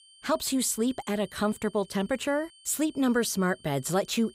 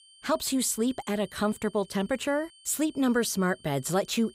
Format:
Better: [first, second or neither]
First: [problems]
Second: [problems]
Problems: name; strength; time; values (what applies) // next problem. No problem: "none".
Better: neither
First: high-pitched whine; faint; throughout; 3 kHz, 25 dB below the speech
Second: high-pitched whine; faint; throughout; 3 kHz, 25 dB below the speech